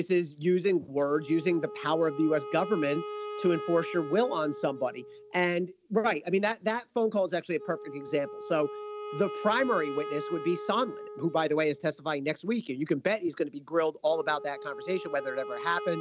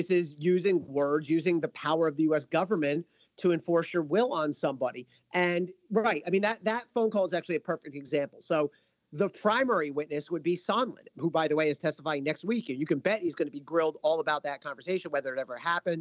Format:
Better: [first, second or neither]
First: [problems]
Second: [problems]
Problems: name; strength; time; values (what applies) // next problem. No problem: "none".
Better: second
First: background sound (Wind instrument, woodwind instrument); 12 dB below the speech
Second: none